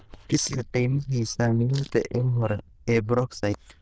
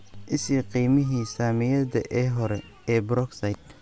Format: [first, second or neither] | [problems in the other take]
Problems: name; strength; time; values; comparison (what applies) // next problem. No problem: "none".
second | noise reduction (neural diffusion model UNIVERSE++)